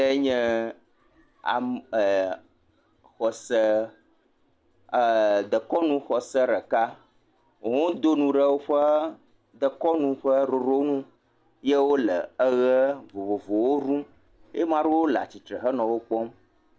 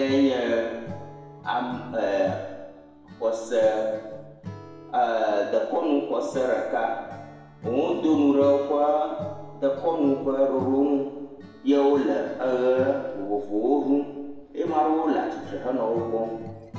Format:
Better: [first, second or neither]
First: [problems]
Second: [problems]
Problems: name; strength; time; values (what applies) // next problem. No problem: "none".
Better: first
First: none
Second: background sound (Acoustic guitar / Strum); 18 dB below the speech // room echo; dies away in 1.1 s